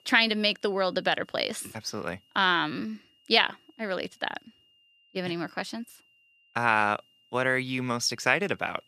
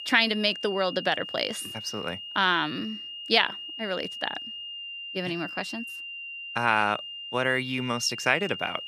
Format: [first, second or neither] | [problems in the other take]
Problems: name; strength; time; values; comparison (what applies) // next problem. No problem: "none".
first | high-pitched whine; loud; throughout; 3 kHz, 9 dB below the speech; faint in the first